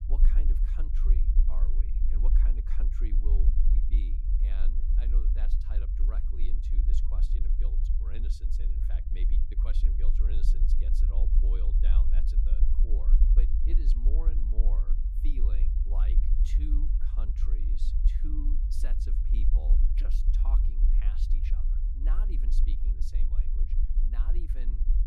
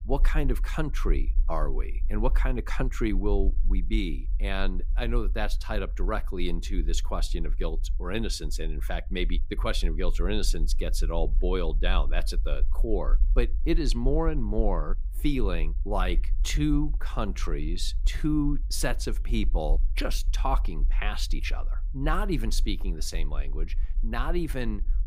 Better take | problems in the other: second | low rumble; loud; throughout; as loud as the speech; faint in the second

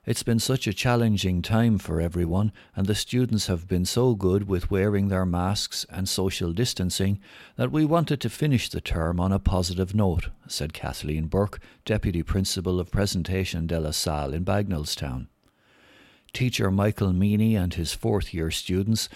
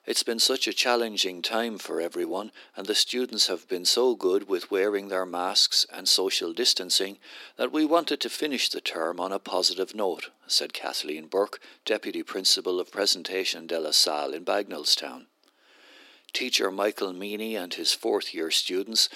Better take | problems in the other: first | thin; very; fading below 300 Hz

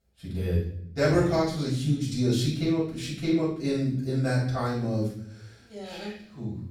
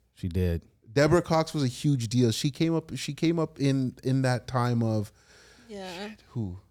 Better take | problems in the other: second | off-mic speech; far // room echo; noticeable; dies away in 0.6 s

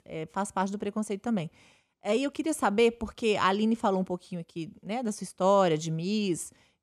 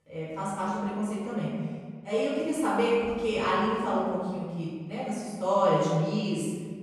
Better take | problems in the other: first | room echo; strong; dies away in 1.6 s // off-mic speech; far

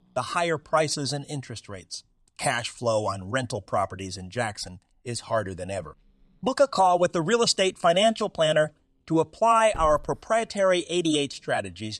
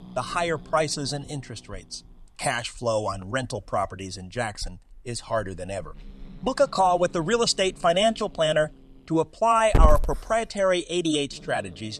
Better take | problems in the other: first | hiss; loud; throughout; 6 dB below the speech; faint in the first

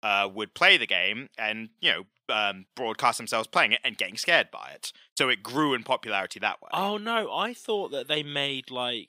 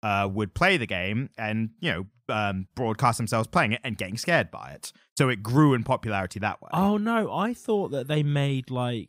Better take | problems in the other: second | thin; somewhat; fading below 400 Hz

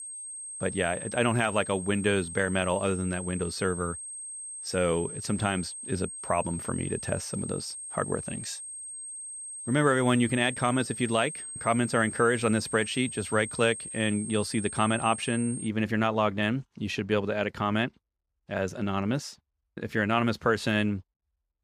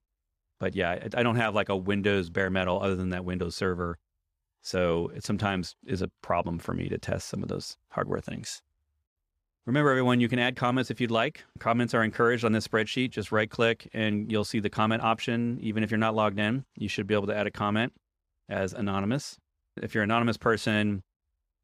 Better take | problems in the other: second | high-pitched whine; loud; until 16 s; 8.5 kHz, 8 dB below the speech

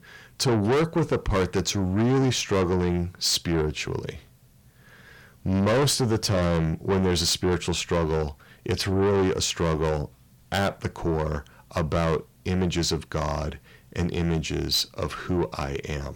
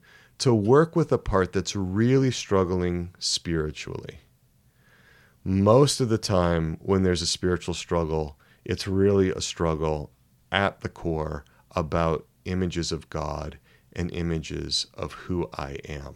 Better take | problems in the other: second | distortion; heavy; 6 dB below the speech

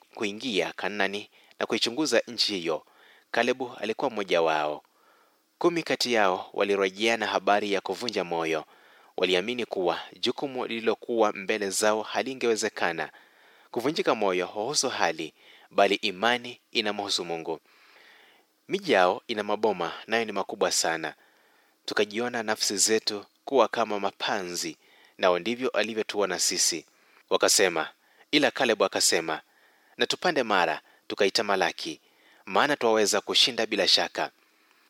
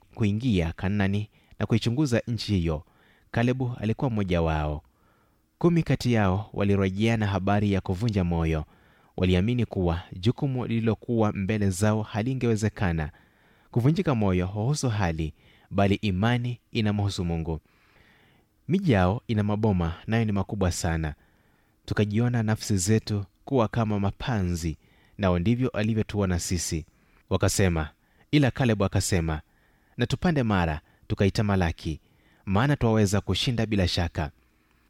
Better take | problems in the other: second | thin; very; fading below 400 Hz

